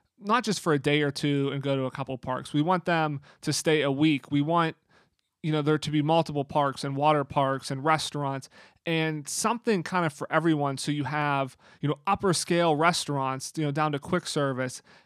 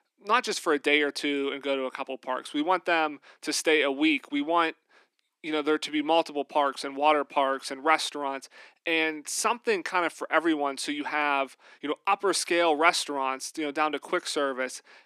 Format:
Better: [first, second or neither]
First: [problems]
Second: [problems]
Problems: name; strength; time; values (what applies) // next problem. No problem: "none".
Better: first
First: none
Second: thin; somewhat; fading below 300 Hz